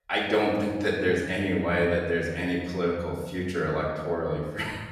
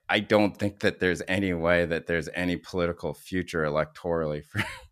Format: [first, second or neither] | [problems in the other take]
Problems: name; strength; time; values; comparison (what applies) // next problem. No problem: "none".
second | room echo; noticeable; dies away in 1.1 s // off-mic speech; far